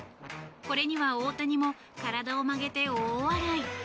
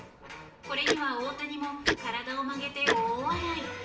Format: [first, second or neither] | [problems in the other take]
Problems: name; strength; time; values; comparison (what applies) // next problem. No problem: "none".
first | background sound (Tick-tock); 3 dB below the speech // room echo; dies away in 0.6 s